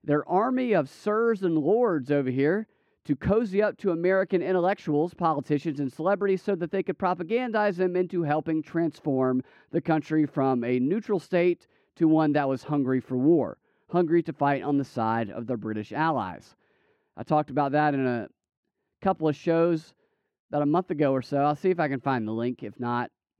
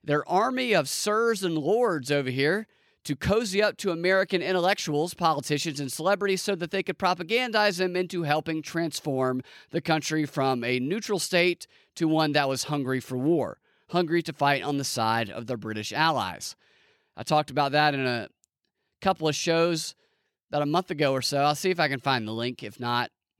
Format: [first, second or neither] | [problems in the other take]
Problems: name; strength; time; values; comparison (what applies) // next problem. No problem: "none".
second | muffled; very; fading above 3 kHz